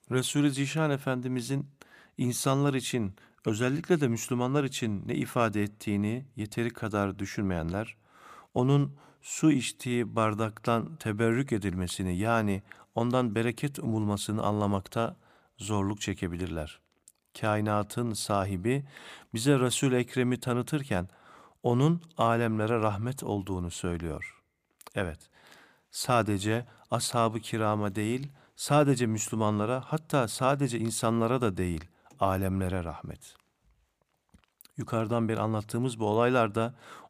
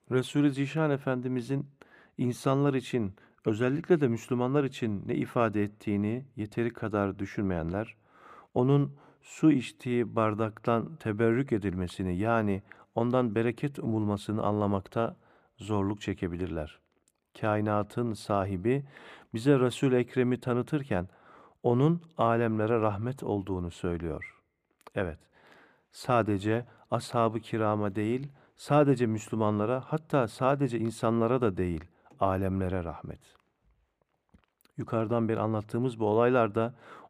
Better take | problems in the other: first | muffled; slightly; fading above 3.5 kHz

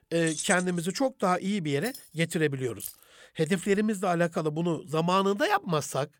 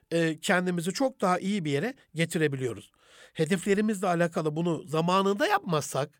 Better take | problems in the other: second | jangling keys; noticeable; at 0.5 s; peak 5 dB below the speech // jangling keys; faint; at 2 s and at 3 s; peak 10 dB below the speech

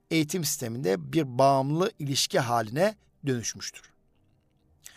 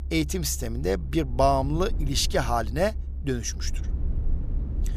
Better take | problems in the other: first | low rumble; faint; throughout; 20 dB below the speech

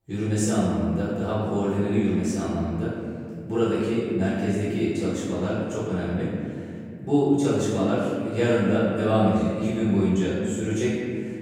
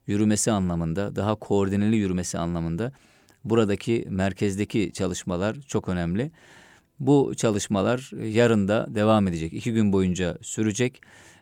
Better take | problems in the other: second | room echo; strong; dies away in 2.3 s // off-mic speech; far

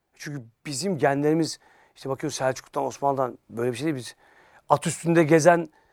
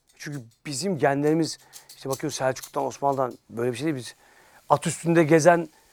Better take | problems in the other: first | household noises; faint; throughout; 25 dB below the speech

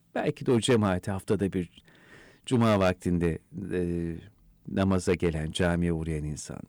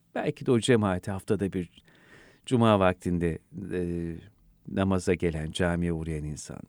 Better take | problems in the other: second | distortion; slight; 3% of the sound clipped

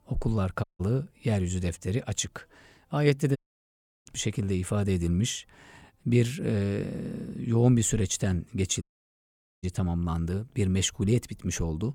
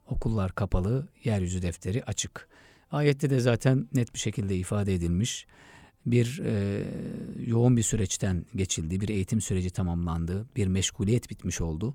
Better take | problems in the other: second | audio cutting out; at 0.5 s, at 3.5 s for 0.5 s and at 9 s for 1 s

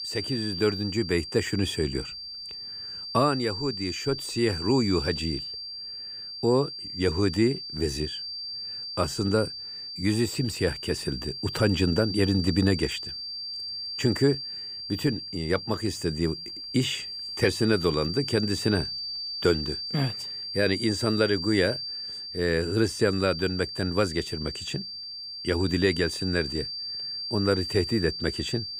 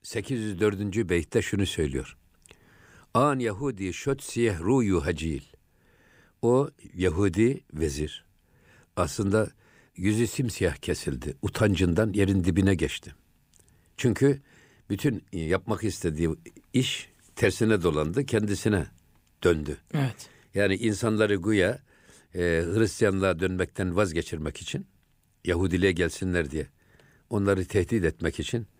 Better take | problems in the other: second | high-pitched whine; loud; throughout; 4.5 kHz, 6 dB below the speech

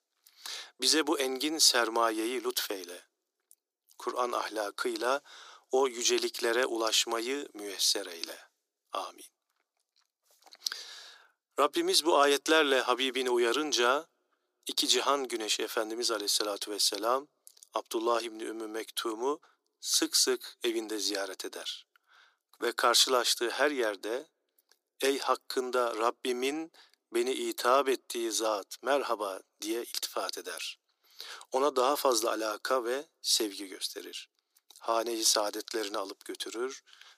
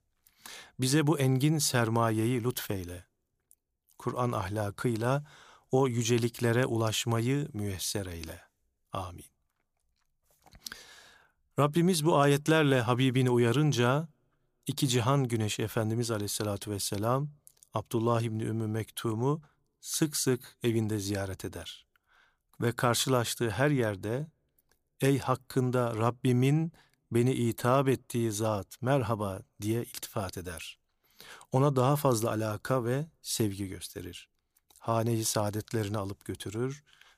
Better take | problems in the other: second | thin; very; fading below 300 Hz

